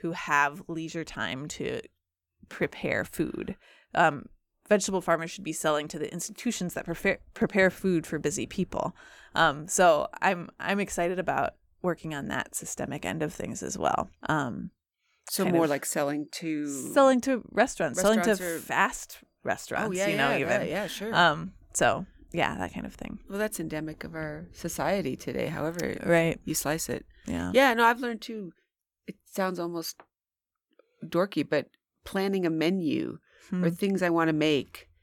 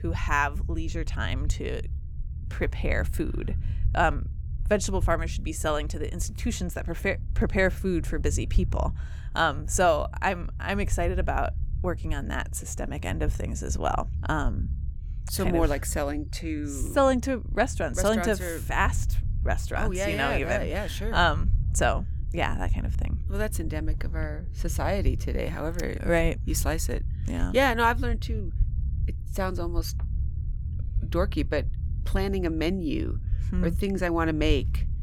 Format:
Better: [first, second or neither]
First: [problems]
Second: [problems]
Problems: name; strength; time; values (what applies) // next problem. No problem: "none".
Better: first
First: none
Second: low rumble; faint; throughout; 20 dB below the speech